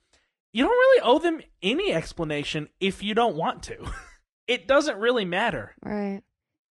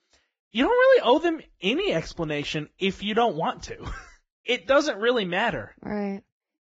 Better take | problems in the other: first | garbled, watery; badly; slightly in the first

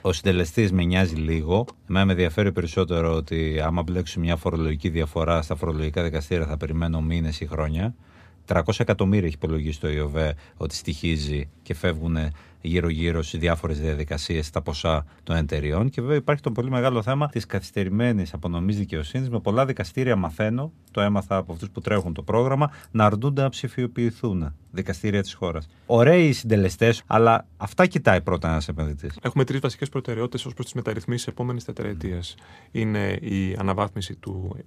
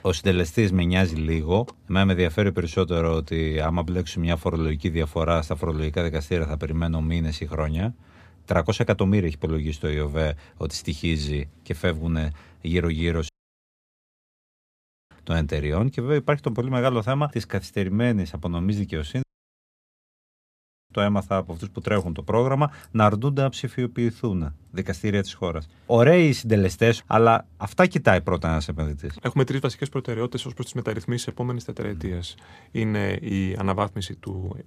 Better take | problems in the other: first | audio cutting out; at 13 s for 2 s and at 19 s for 1.5 s

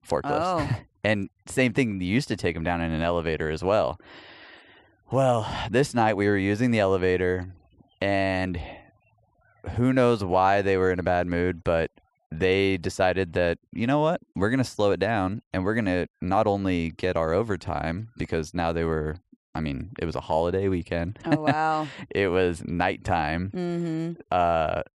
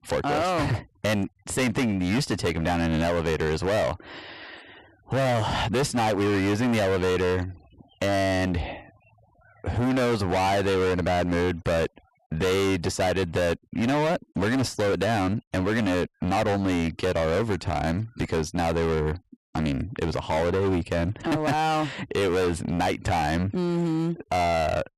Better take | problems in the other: first | distortion; heavy; 27% of the sound clipped

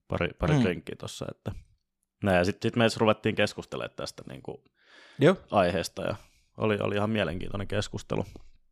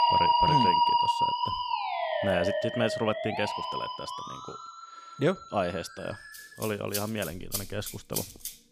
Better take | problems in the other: first | background music; very loud; throughout; 5 dB above the speech

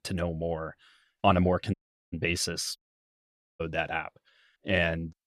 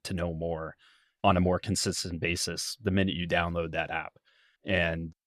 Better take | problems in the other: second | audio cutting out; at 1.5 s and at 3 s for 1 s

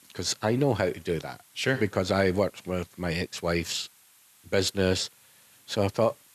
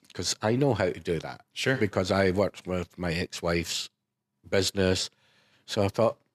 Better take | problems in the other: second | hiss; faint; throughout; 25 dB below the speech

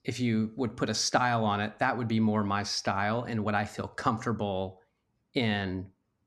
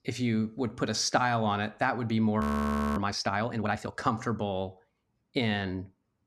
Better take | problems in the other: first | audio freezing; at 2.5 s for 0.5 s

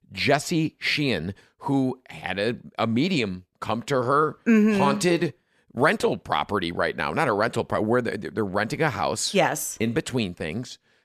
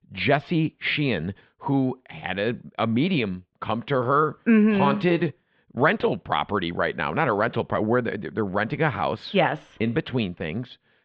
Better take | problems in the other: first | muffled; very; fading above 3.5 kHz

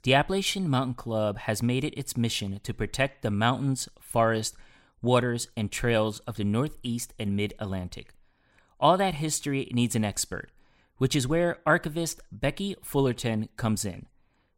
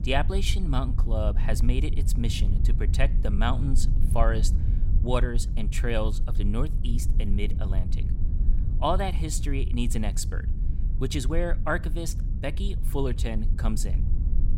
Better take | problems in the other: first | low rumble; noticeable; throughout; 15 dB below the speech

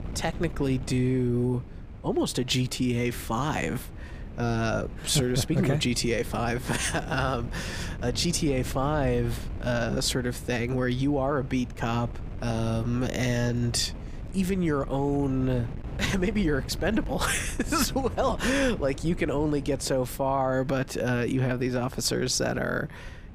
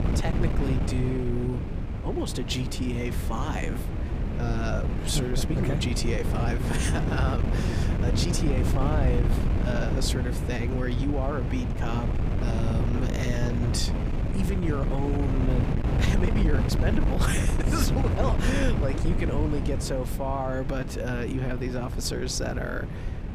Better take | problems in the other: first | wind noise on the microphone; heavy; 4 dB below the speech; occasional gusts in the first

